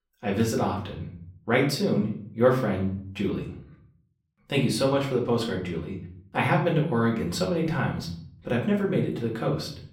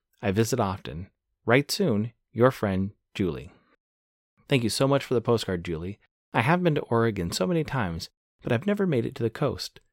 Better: second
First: room echo; slight; dies away in 0.6 s // off-mic speech; far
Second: none

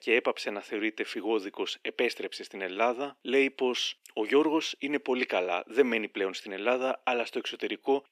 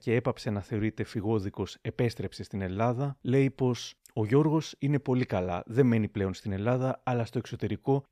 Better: second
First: thin; somewhat; fading below 300 Hz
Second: none

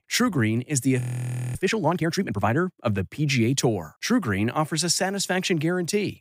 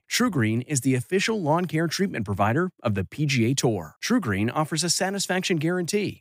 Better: second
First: audio freezing; at 1 s for 0.5 s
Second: none

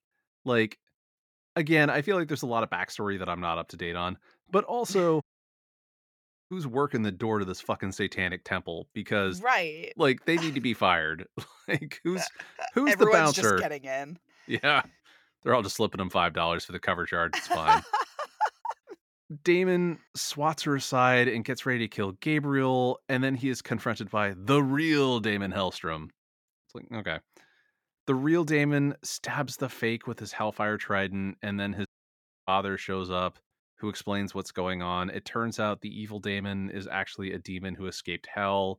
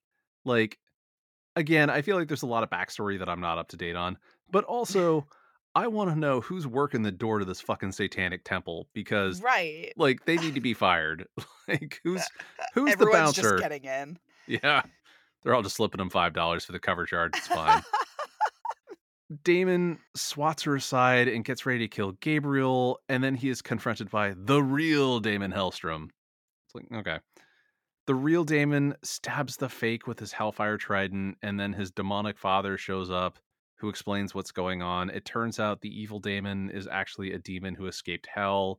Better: second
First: audio cutting out; at 5 s for 1.5 s and at 32 s for 0.5 s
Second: none

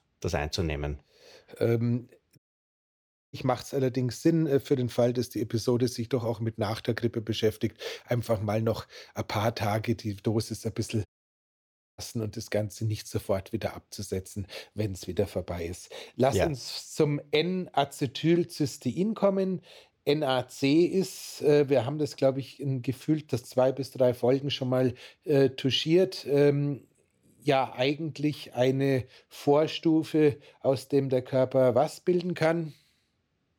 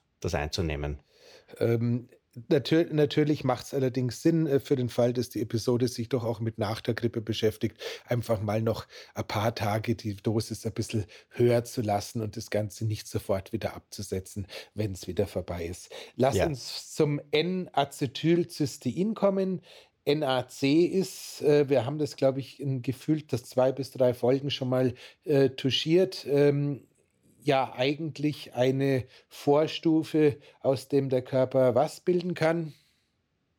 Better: second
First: audio cutting out; at 2.5 s for 1 s and at 11 s for 1 s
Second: none

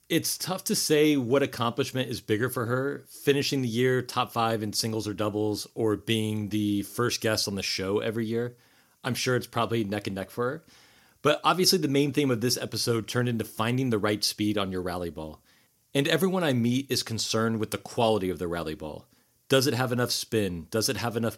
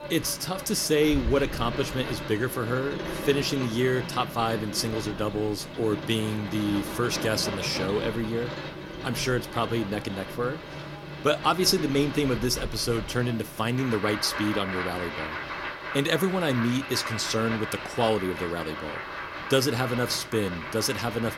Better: first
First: none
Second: crowd noise; loud; throughout; 8 dB below the speech

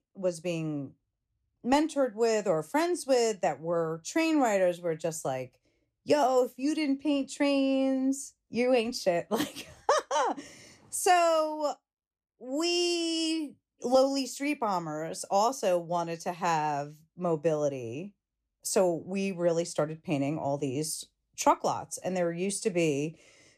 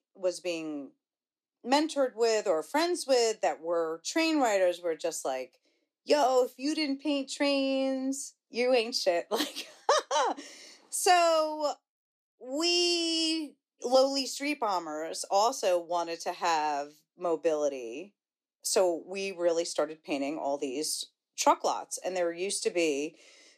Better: first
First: none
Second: thin; very slightly; fading below 300 Hz

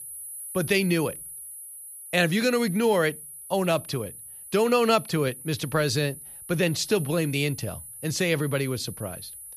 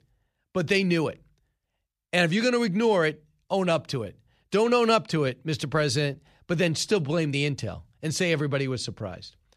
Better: second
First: high-pitched whine; noticeable; throughout; 10.5 kHz, 15 dB below the speech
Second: none

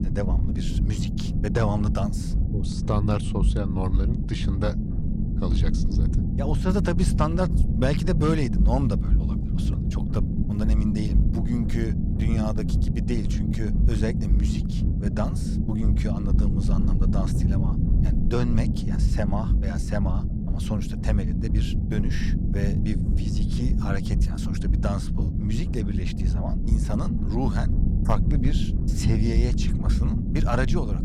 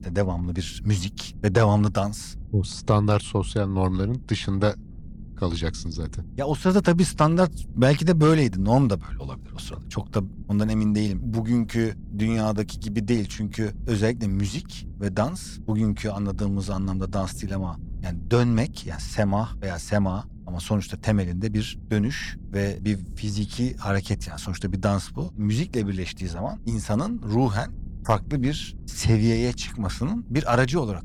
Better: second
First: low rumble; loud; throughout; 3 dB below the speech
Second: low rumble; faint; throughout; 25 dB below the speech

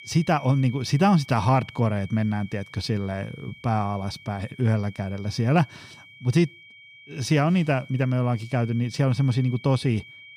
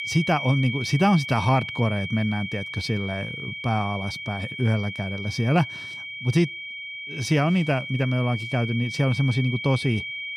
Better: first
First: high-pitched whine; faint; throughout; 2.5 kHz, 20 dB below the speech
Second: high-pitched whine; loud; throughout; 2.5 kHz, 7 dB below the speech

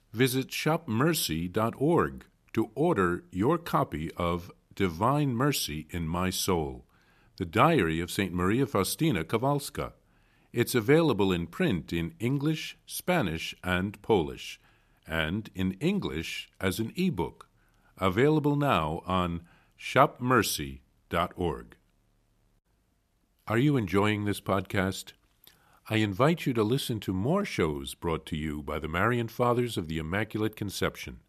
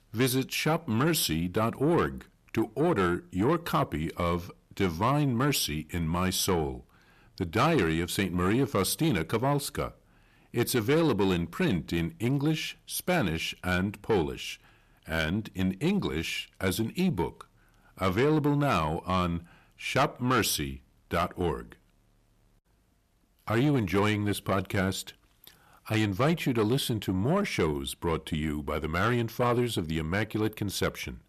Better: first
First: none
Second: distortion; slight; 10 dB below the speech

